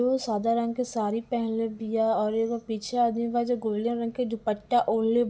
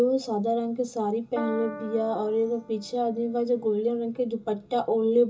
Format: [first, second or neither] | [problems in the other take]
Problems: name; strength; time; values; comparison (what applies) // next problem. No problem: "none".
first | background sound (Piano); 15 dB below the speech // room echo; dies away in 0.2 s